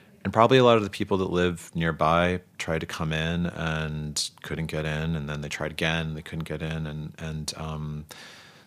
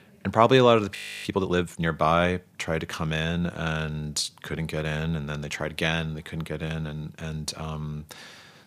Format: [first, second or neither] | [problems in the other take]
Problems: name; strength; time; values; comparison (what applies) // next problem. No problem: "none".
first | audio freezing; at 1 s